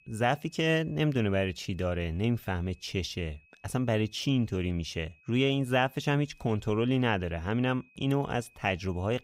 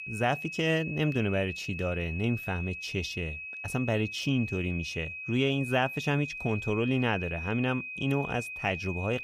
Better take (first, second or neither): first